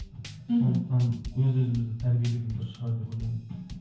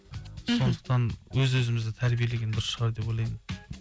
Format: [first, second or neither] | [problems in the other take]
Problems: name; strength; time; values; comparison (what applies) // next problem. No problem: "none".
second | background sound (Drum / Drum kit); 17 dB below the speech // room echo; dies away in 0.9 s